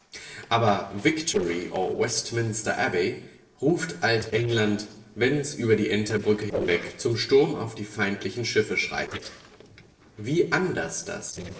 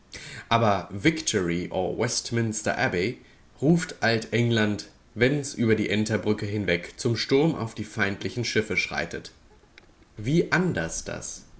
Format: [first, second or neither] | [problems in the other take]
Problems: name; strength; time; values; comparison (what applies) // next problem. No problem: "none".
second | noise reduction (neural separator model SepFormer DNS4)